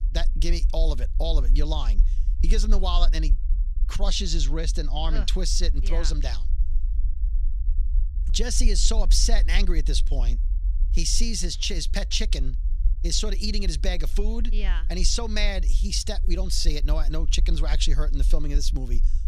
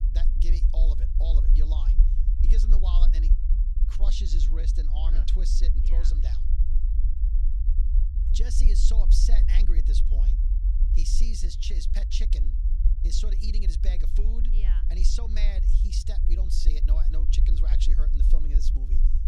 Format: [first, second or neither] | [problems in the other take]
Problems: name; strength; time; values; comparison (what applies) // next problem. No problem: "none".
first | low rumble; loud; throughout; 7 dB below the speech; faint in the first